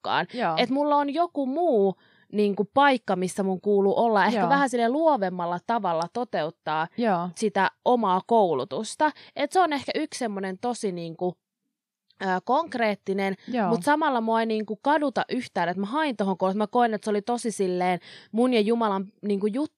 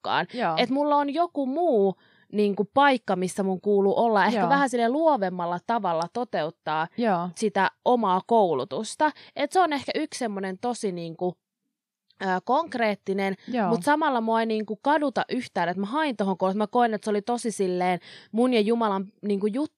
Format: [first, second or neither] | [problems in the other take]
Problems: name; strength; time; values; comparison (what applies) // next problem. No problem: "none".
neither | none